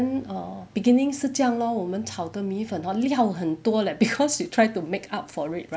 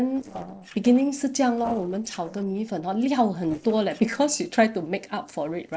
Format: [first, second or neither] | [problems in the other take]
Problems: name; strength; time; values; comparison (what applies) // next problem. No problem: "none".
first | noise reduction (neural separator model SepFormer DNS4)